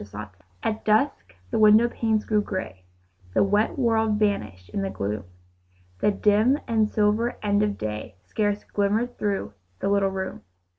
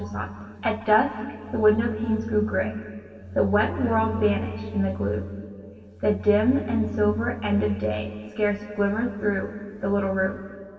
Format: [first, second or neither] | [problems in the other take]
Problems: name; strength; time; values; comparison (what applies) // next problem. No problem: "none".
first | room echo; dies away in 2.4 s